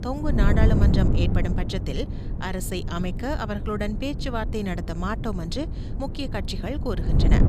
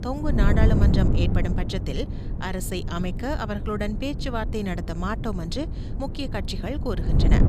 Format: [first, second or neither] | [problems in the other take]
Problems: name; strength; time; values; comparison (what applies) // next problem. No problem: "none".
neither | wind noise on the microphone; heavy; 6 dB below the speech; the same in both